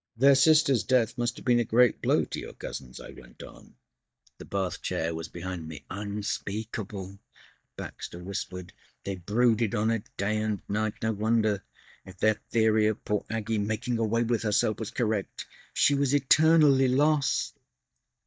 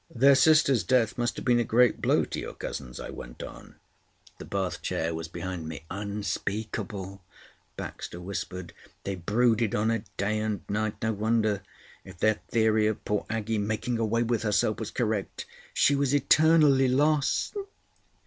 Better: second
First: noise reduction (neural mask model DeepFilterNet 3)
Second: none

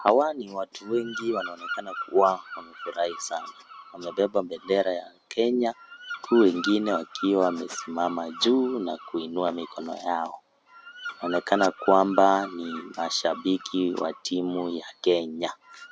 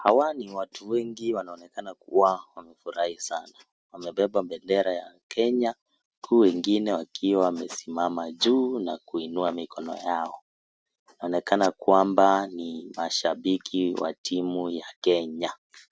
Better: second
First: background sound (Bird vocalization, bird call, bird song); 14 dB below the speech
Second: none

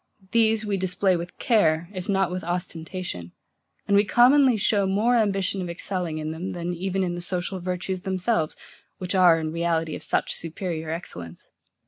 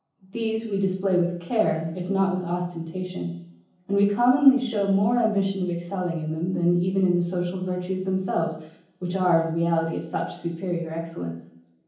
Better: first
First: none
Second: room echo; dies away in 0.7 s

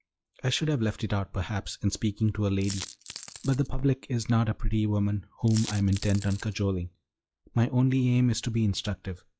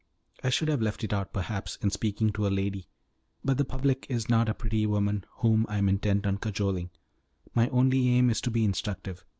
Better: second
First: noise reduction (classical method log-MMSE)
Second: none

